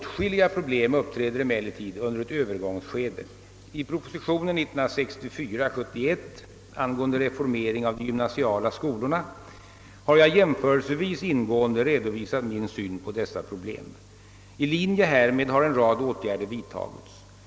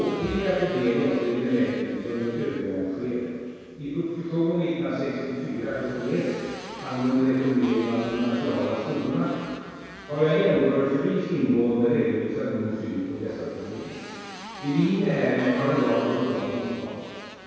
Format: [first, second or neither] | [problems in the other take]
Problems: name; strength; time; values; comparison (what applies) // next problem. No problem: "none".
first | background sound (Motorcycle); 17 dB below the speech // room echo; dies away in 2 s